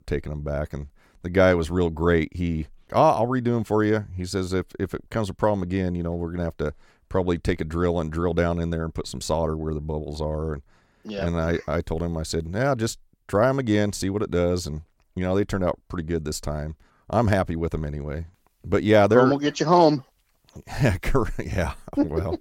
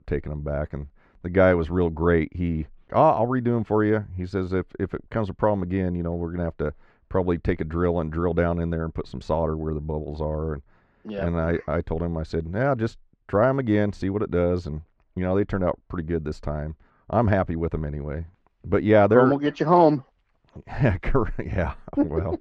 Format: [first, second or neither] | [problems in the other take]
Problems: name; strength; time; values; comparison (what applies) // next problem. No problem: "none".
first | muffled; slightly; fading above 2 kHz